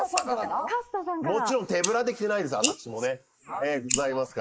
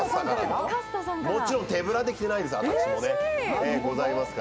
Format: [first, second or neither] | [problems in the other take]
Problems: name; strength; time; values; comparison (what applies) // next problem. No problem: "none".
second | noise reduction (neural mask model Resemble Enhance denoiser)